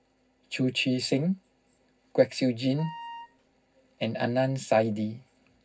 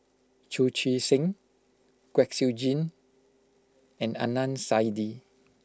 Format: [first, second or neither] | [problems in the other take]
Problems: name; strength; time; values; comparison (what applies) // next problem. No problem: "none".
second | background sound (Wind instrument, woodwind instrument); 14 dB below the speech // room echo; dies away in 0.4 s